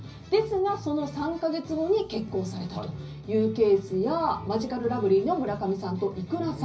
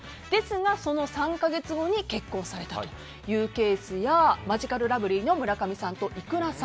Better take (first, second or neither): second